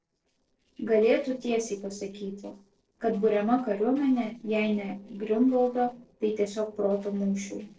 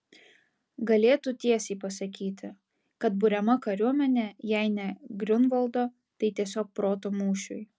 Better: second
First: noise reduction (neural separator model SepFormer DNS4)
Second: none

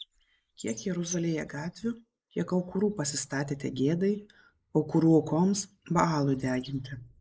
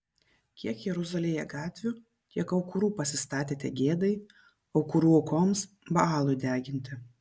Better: second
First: noise reduction (neural mask model Resemble Enhance denoiser)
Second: none

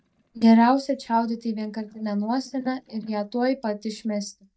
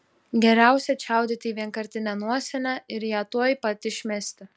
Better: second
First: noise reduction (neural mask model DeepFilterNet 3)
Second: none

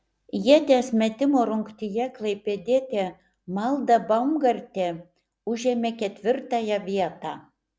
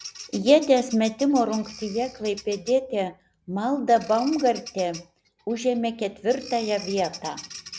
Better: first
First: none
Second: background sound (Bird vocalization, bird call, bird song); 18 dB below the speech

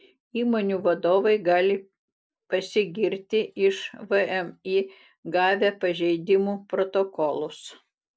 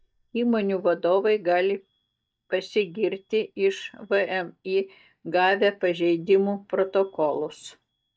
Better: first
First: none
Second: noise reduction (neural mask model DeepFilterNet 3)

